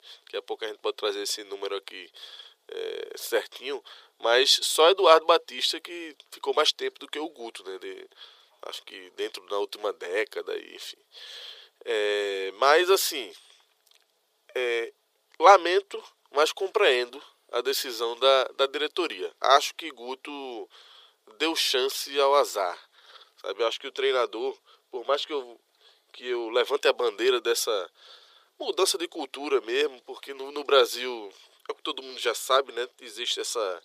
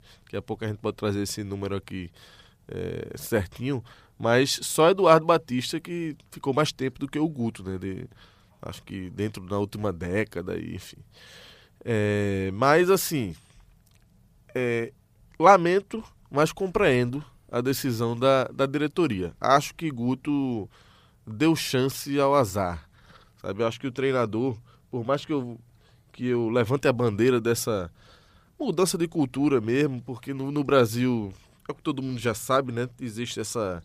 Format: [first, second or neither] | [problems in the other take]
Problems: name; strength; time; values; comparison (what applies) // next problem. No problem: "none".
second | thin; very; fading below 400 Hz